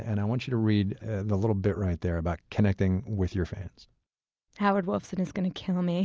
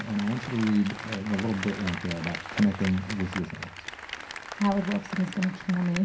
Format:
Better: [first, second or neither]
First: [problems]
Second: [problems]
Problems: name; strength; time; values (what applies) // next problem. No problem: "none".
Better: first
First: none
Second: background sound (Applause); 10 dB below the speech // room echo; dies away in 0.3 s